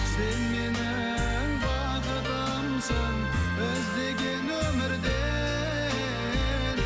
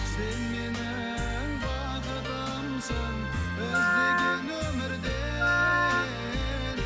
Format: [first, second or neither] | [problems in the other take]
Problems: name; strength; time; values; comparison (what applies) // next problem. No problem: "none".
first | background sound (Wind instrument, woodwind instrument); 2 dB above the speech